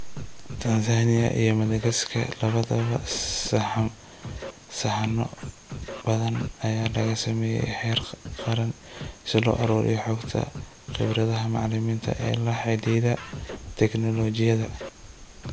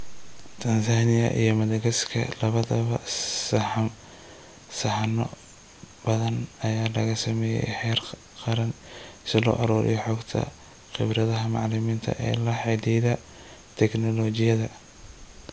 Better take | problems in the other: second | background sound (Scratching (performance technique)); 14 dB below the speech

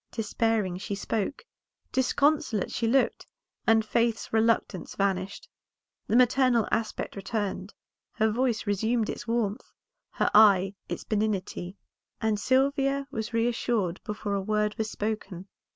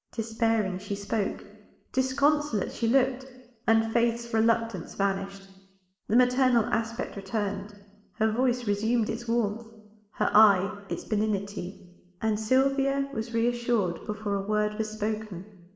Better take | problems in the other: first | room echo; dies away in 1 s

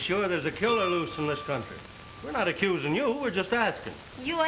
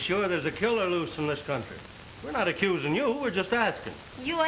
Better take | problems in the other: second | background sound (Keyboard (musical)); 13 dB below the speech

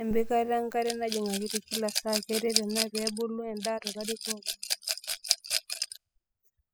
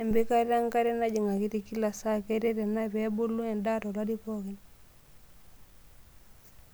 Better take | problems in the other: second | noise reduction (classical method spectral subtraction)

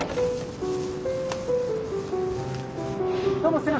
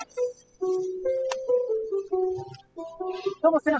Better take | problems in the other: first | noise reduction (classical method spectral subtraction)

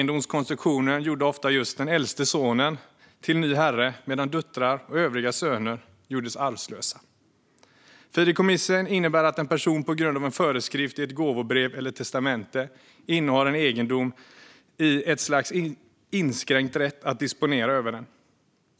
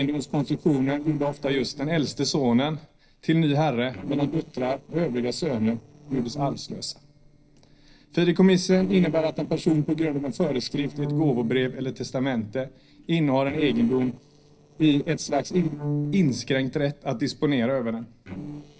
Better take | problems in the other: first | noise reduction (neural separator model SepFormer DNS4)

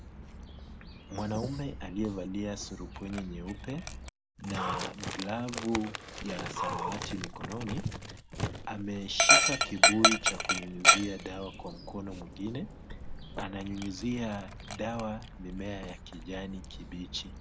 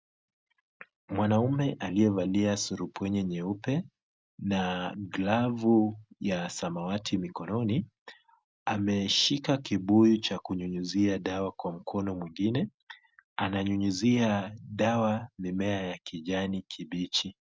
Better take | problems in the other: second | background sound (Dog); 5 dB above the speech

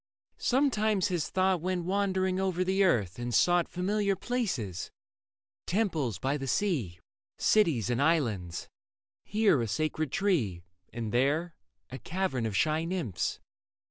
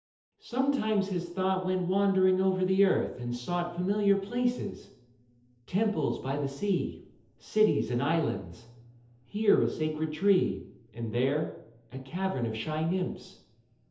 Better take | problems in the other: first | room echo; dies away in 0.8 s

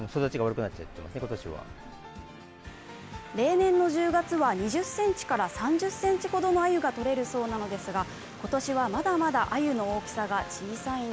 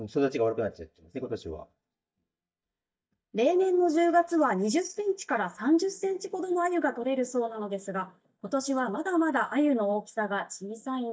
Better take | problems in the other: first | noise reduction (neural mask model DeepFilterNet 3)

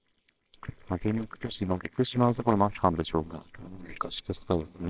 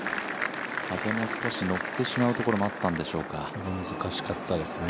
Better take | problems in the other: second | noise reduction (neural separator model SepFormer WHAMR!)

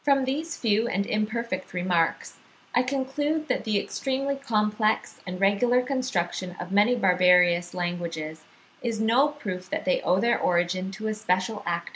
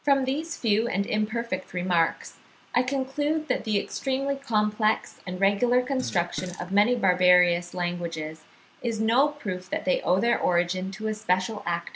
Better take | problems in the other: first | background sound (Fart); 17 dB below the speech

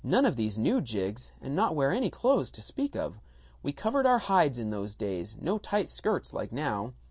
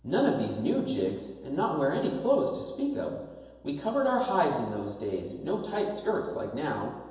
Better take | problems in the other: first | room echo; dies away in 1 s

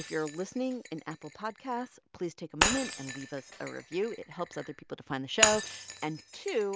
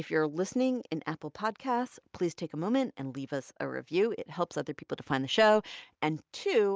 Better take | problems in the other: second | background sound (Shatter); 1 dB below the speech

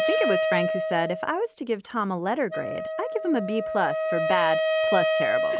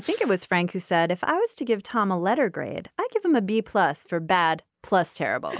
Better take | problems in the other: second | background sound (Wind instrument, woodwind instrument); 1 dB above the speech

